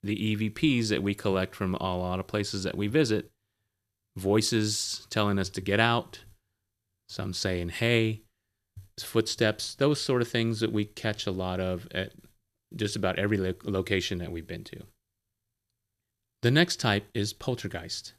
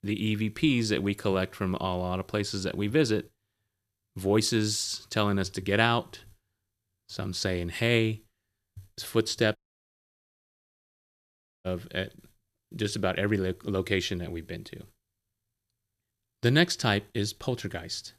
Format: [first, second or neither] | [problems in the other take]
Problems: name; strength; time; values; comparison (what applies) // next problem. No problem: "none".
first | audio cutting out; at 9.5 s for 2 s